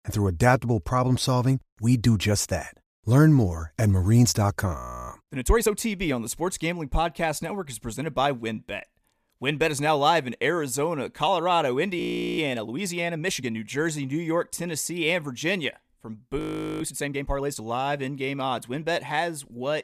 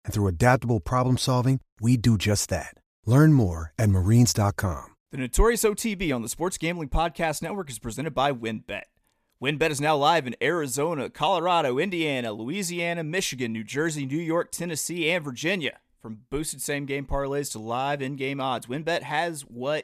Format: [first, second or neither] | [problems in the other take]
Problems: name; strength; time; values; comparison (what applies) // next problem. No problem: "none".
second | audio freezing; at 5 s, at 12 s and at 16 s